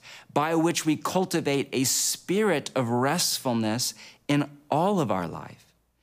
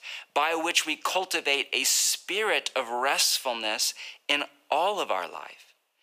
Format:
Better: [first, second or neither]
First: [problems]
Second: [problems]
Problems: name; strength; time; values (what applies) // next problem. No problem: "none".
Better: first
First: none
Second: thin; very; fading below 500 Hz